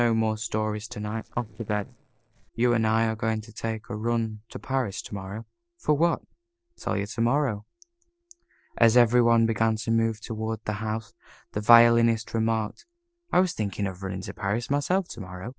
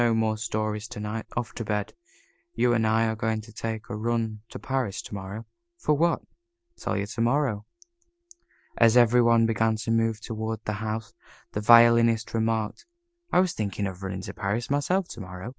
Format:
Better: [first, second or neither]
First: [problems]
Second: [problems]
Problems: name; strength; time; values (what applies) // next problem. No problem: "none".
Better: second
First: noise reduction (neural separator model SepFormer DNS4)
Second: none